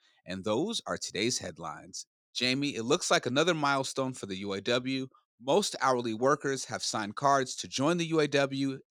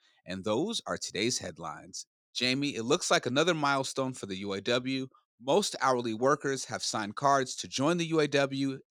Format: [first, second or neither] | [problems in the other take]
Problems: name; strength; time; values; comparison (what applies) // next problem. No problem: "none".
neither | none